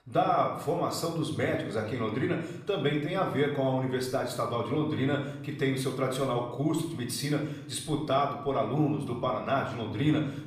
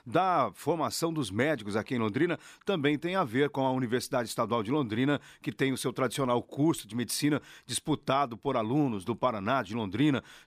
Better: second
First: off-mic speech; somewhat distant // room echo; noticeable; dies away in 0.7 s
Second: none

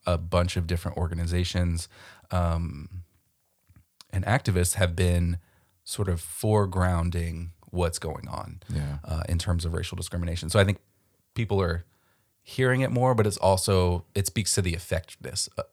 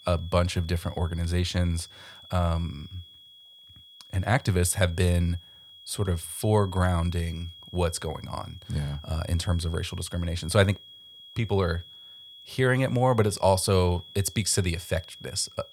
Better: first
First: none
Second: high-pitched whine; noticeable; throughout; 3.5 kHz, 20 dB below the speech

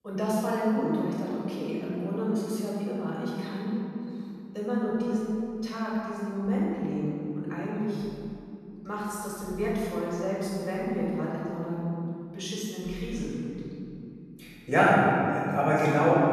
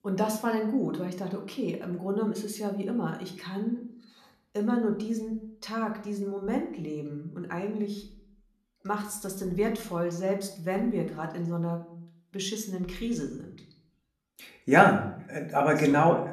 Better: second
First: room echo; strong; dies away in 3 s // off-mic speech; far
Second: room echo; slight; dies away in 0.5 s // off-mic speech; somewhat distant

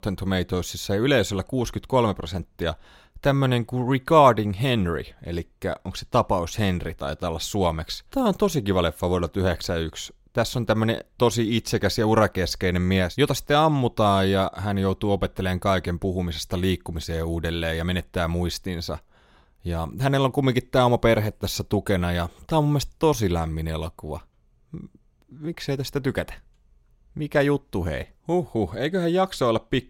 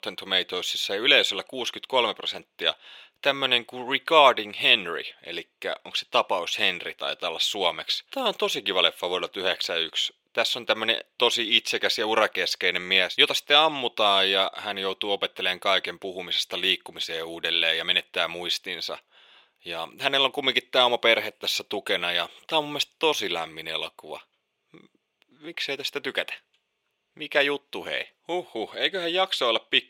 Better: first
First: none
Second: thin; very; fading below 500 Hz

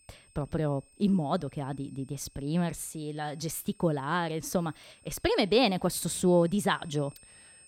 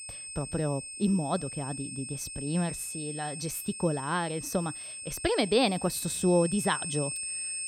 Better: first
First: high-pitched whine; faint; throughout; 8.5 kHz, 25 dB below the speech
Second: high-pitched whine; loud; throughout; 8.5 kHz, 6 dB below the speech

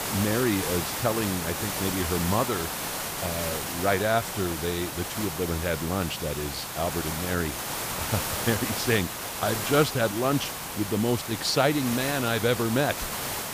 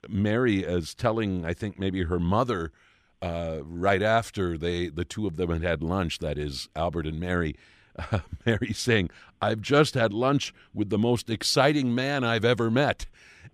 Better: second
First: hiss; loud; throughout; 3 dB below the speech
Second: none

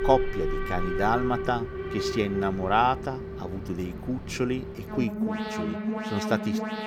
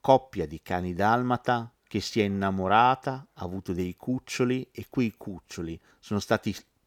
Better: second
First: alarms or sirens; loud; throughout; 3 dB below the speech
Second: none

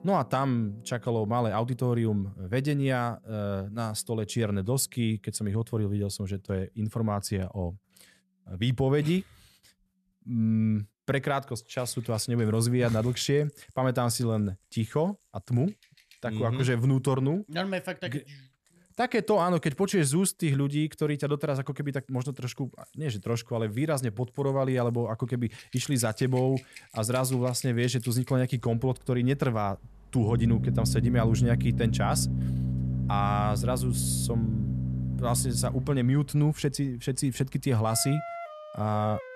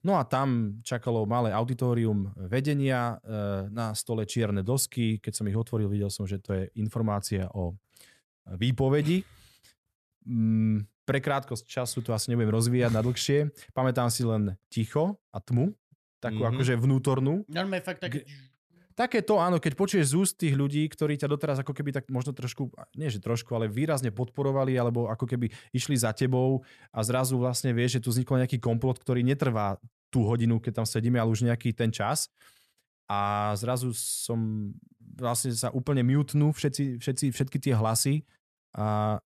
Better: second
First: background music; loud; throughout; 3 dB below the speech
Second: none

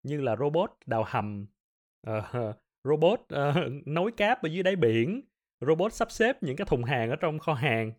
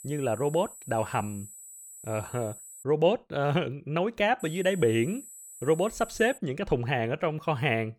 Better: first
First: none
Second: high-pitched whine; noticeable; until 3 s and from 4.5 to 6.5 s; 8 kHz, 15 dB below the speech

